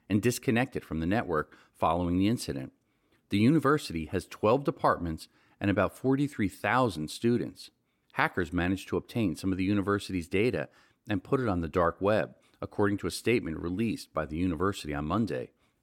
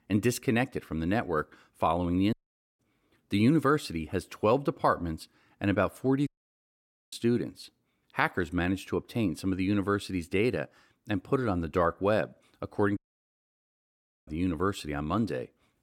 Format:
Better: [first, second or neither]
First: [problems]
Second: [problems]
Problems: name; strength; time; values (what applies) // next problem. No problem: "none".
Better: first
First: none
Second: audio cutting out; at 2.5 s, at 6.5 s for 1 s and at 13 s for 1.5 s